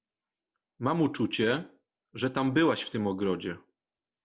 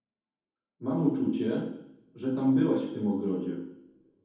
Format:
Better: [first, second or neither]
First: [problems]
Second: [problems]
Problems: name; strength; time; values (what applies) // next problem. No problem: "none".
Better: first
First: none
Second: room echo; dies away in 0.9 s